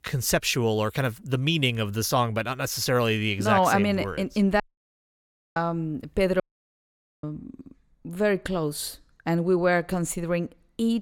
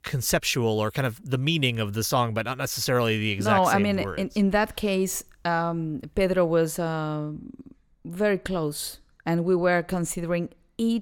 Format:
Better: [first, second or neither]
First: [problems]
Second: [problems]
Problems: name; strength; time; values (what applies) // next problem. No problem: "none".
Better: second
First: audio cutting out; at 4.5 s for 1 s and at 6.5 s for 1 s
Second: none